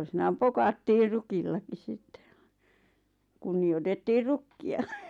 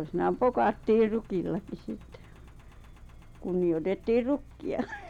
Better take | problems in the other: first | background sound (Engine); 19 dB below the speech

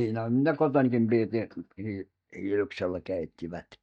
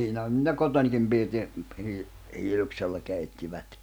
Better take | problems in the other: second | noise reduction (neural mask model DeepFilterNet 3)

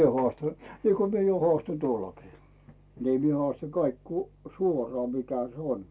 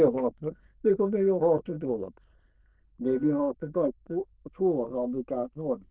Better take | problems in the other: first | noise reduction (neural diffusion model UNIVERSE++)

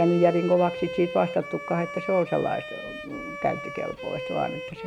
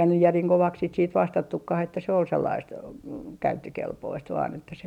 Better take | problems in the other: second | background sound (Bowed string instrument); 10 dB below the speech

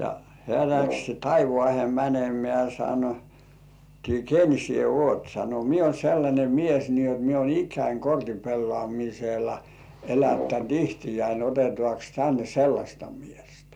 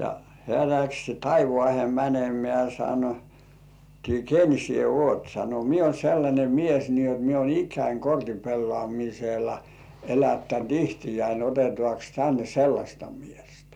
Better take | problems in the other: second | background sound (Brass instrument); 10 dB below the speech

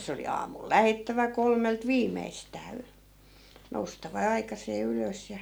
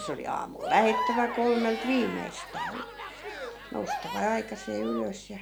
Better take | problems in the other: first | background sound (Crowd / Cheering); 6 dB below the speech

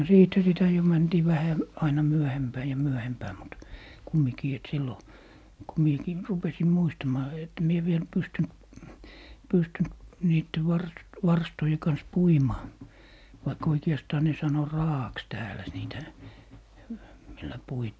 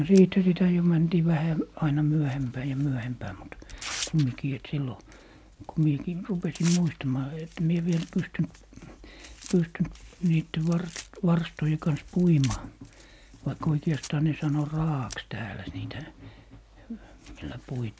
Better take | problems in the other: first | background sound (Tearing); 20 dB below the speech

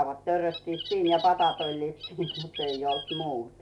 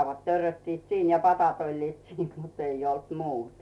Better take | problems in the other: second | background sound (Bird); 11 dB below the speech

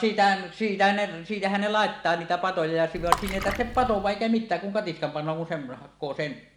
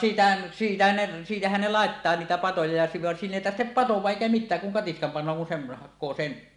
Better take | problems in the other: second | background sound (Water / Splash, splatter); 5 dB below the speech

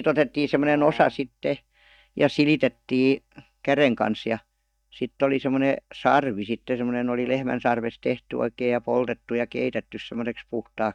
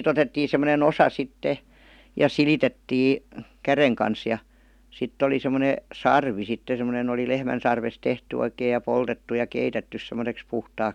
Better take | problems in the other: second | noise reduction (neural mask model DeepFilterNet 3)

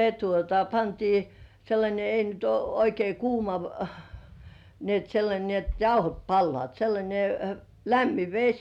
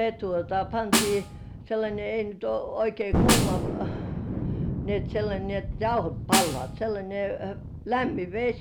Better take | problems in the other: first | background sound (Thunder + Snare drum); as loud as the speech

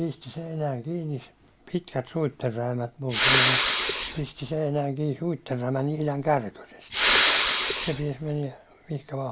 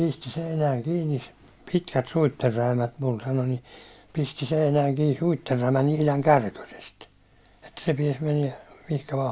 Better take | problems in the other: second | background sound (Respiratory sounds); 5 dB above the speech

